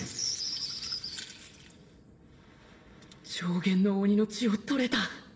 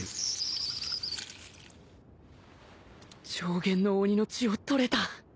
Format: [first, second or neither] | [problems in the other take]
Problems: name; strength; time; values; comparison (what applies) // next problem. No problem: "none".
second | room echo; dies away in 2.1 s